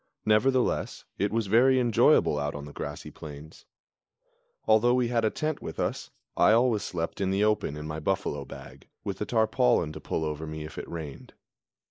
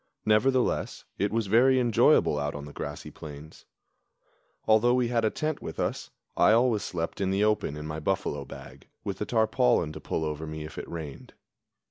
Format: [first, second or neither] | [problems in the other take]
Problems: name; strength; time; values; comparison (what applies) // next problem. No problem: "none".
second | noise reduction (neural mask model Resemble Enhance denoiser)